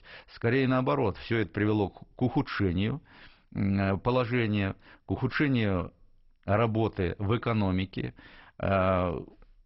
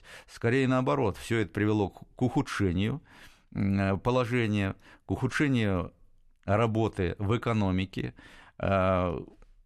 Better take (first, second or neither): second